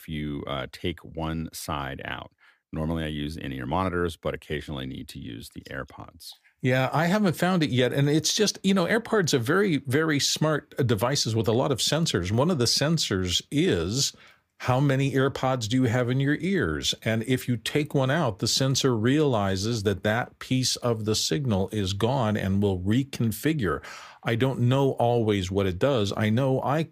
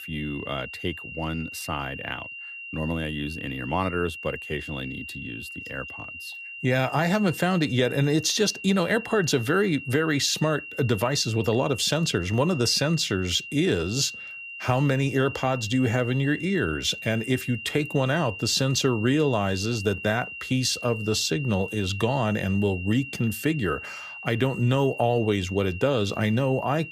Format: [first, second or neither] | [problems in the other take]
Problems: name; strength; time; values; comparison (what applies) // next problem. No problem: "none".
first | high-pitched whine; noticeable; throughout; 3 kHz, 10 dB below the speech